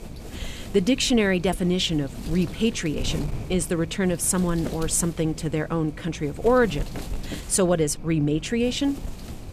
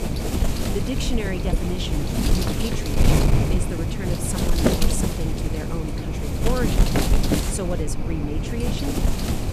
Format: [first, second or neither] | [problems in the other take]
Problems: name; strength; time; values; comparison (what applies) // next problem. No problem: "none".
first | wind noise on the microphone; heavy; 4 dB above the speech; occasional gusts in the first